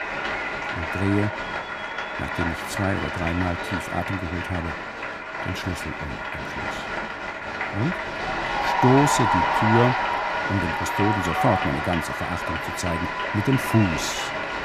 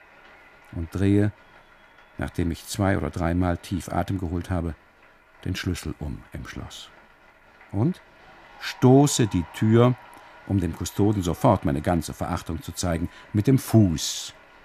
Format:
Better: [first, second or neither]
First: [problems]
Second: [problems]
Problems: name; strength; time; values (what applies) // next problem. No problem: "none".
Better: second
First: crowd noise; loud; throughout; as loud as the speech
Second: crowd noise; faint; throughout; 25 dB below the speech